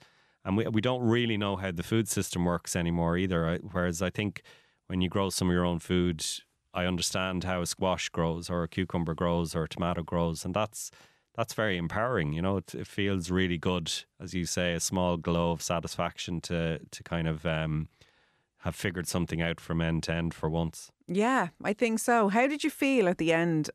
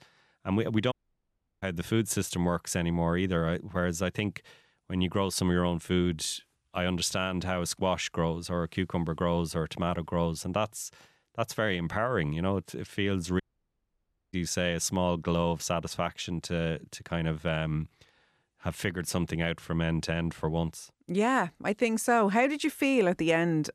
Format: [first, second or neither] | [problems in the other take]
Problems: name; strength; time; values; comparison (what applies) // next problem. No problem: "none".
first | audio cutting out; at 1 s for 0.5 s and at 13 s for 1 s